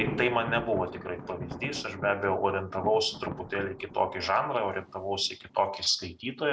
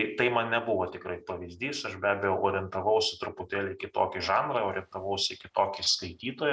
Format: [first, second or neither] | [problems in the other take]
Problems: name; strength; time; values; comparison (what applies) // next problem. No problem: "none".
second | background sound (Thunder); 12 dB below the speech